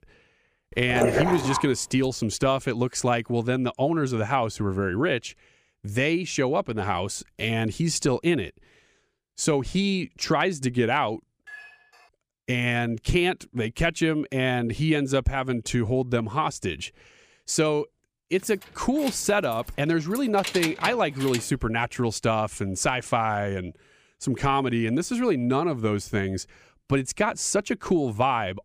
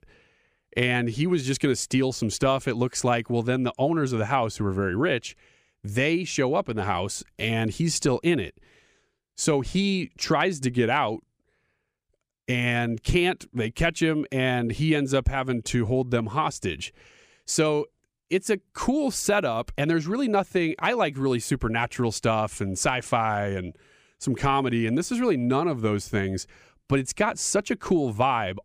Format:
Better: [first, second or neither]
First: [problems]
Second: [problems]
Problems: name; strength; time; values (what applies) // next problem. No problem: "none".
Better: second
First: dog barking; loud; at 1 s; peak 2 dB above the speech // clattering dishes; faint; at 11 s; peak 20 dB below the speech // jangling keys; noticeable; from 18 to 21 s; peak 4 dB below the speech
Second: none